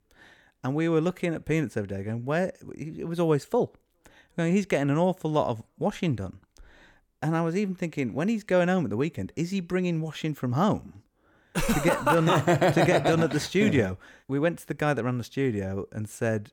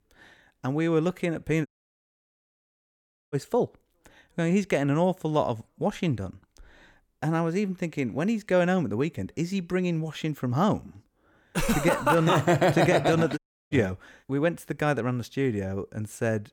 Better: first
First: none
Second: audio cutting out; at 1.5 s for 1.5 s and at 13 s

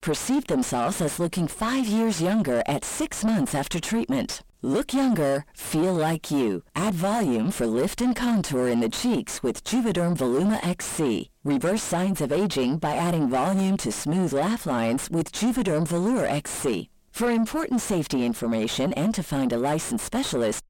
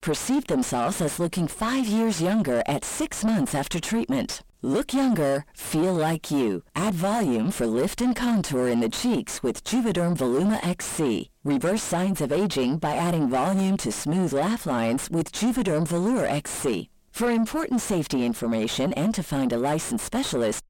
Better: neither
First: distortion; heavy; 4 dB below the speech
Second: distortion; heavy; 4 dB below the speech

